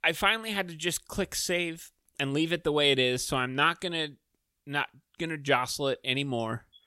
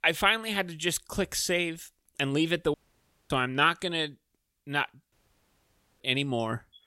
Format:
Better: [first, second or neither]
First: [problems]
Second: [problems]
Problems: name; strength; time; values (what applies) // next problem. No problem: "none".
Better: first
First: none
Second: audio cutting out; at 2.5 s for 0.5 s and at 5 s for 1 s